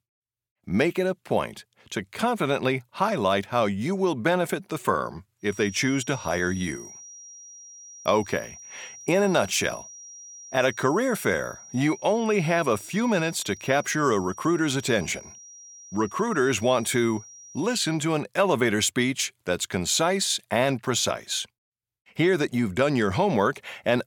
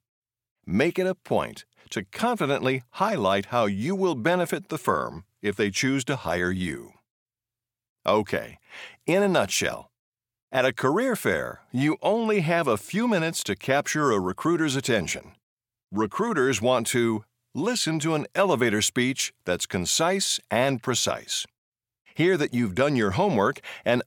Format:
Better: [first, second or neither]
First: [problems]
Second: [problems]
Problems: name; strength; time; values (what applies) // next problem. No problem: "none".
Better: second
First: high-pitched whine; noticeable; from 5.5 to 18 s; 5.5 kHz, 15 dB below the speech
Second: none